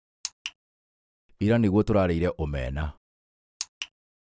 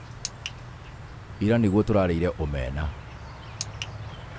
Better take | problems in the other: first | background sound (Insect); 12 dB below the speech

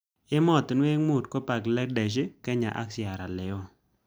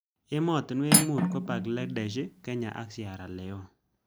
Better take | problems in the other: first | background sound (Cutlery, silverware); 2 dB above the speech

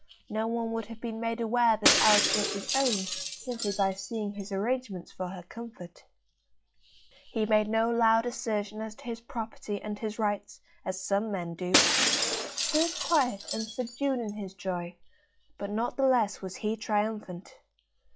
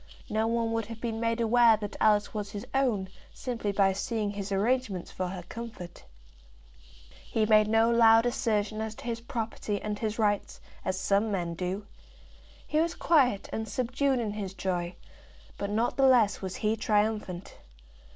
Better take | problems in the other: second | noise reduction (classical method log-MMSE)

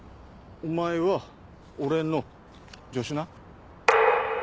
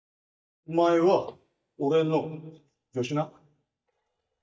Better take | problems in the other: first | noise reduction (neural mask model DeepFilterNet 3)

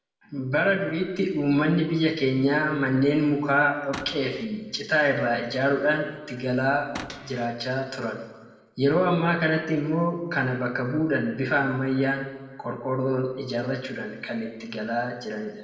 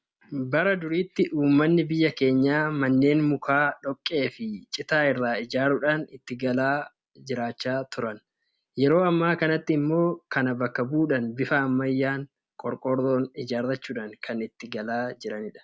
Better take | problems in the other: second | background sound (Cupboard open or close / Door); 14 dB below the speech // room echo; dies away in 1.1 s

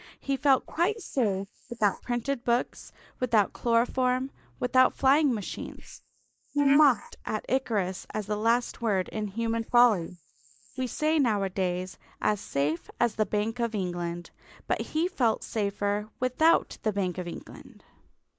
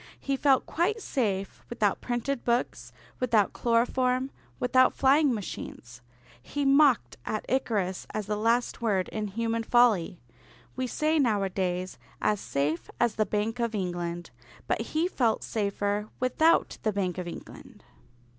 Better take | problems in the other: second | noise reduction (neural mask model Resemble Enhance denoiser)

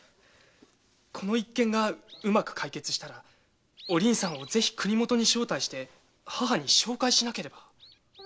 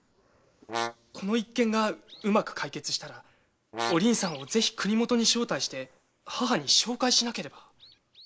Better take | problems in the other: first | noise reduction (neural mask model Resemble Enhance denoiser)

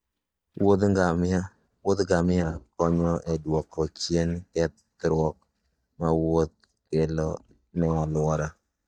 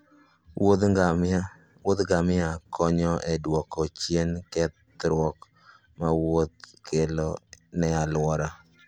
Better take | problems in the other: second | noise reduction (neural mask model DeepFilterNet 3)

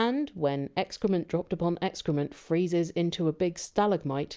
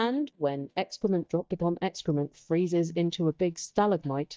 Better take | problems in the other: first | noise reduction (neural mask model DeepFilterNet 3)

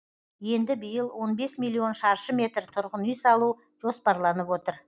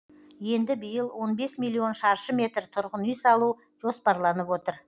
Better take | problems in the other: second | noise reduction (neural mask model DeepFilterNet 3)

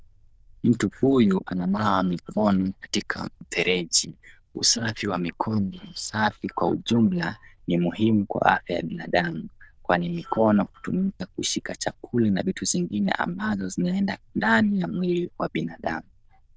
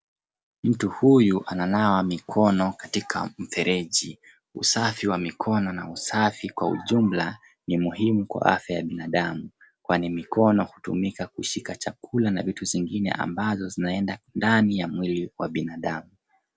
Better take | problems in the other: second | noise reduction (neural diffusion model UNIVERSE++)

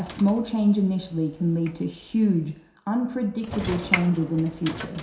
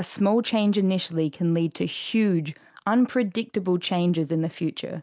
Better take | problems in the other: second | background sound (Sliding door / Train); 11 dB below the speech // room echo; dies away in 0.7 s

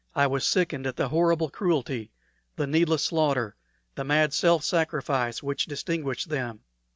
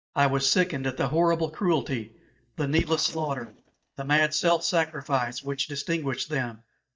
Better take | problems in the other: first | noise reduction (neural mask model DeepFilterNet 3)

